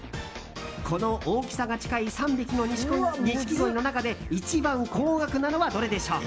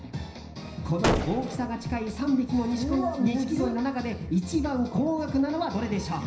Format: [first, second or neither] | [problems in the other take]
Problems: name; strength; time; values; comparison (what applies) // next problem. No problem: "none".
first | background sound (Gunshot, gunfire); 2 dB below the speech // room echo; dies away in 0.5 s